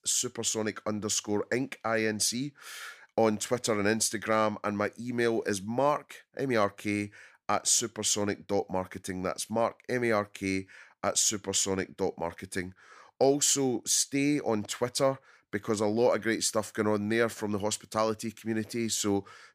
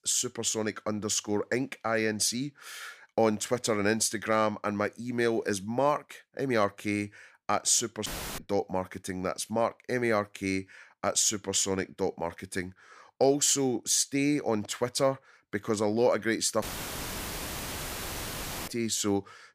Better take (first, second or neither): first